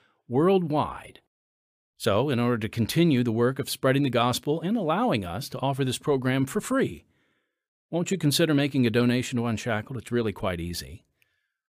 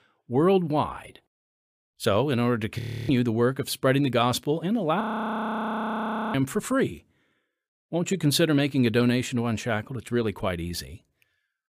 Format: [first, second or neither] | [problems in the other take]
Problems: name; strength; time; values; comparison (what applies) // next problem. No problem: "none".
first | audio freezing; at 3 s and at 5 s for 1.5 s